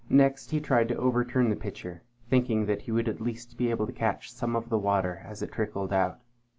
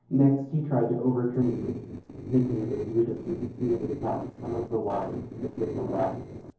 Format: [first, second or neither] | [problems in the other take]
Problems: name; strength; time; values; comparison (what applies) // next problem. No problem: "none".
first | noise reduction (neural separator model SepFormer DNS4)